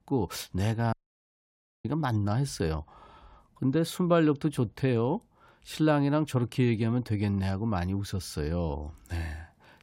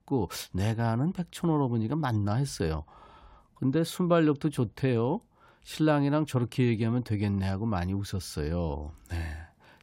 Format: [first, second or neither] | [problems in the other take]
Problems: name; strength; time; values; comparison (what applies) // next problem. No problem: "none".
second | audio cutting out; at 1 s for 1 s